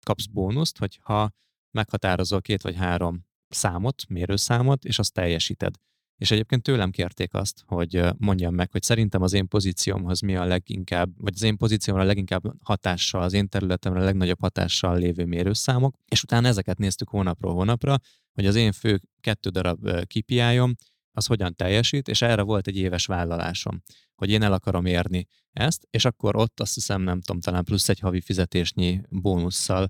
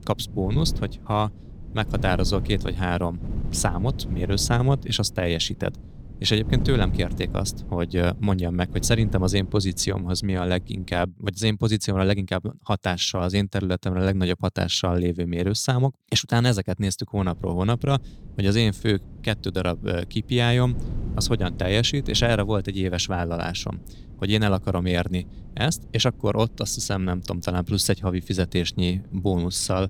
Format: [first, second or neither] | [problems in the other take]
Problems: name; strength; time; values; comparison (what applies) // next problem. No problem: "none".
first | wind noise on the microphone; occasional gusts; until 11 s and from 17 s on; 20 dB below the speech